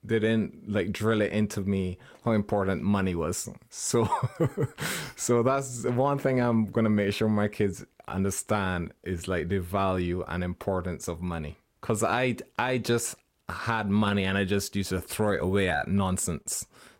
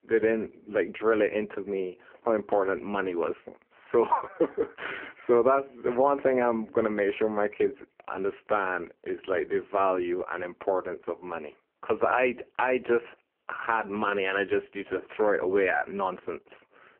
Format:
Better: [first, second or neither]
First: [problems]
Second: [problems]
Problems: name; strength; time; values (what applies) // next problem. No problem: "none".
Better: first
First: none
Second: phone-call audio; poor line